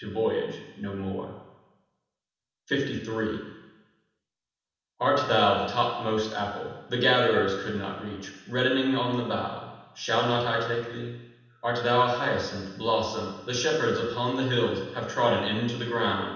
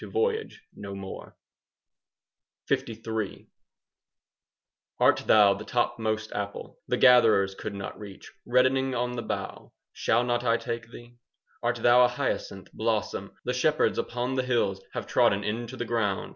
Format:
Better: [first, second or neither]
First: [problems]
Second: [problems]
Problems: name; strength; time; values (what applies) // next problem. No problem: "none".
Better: second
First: room echo; dies away in 1.1 s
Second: none